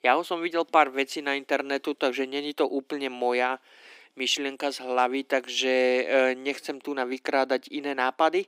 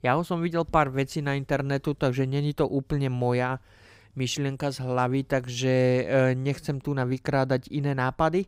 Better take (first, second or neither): second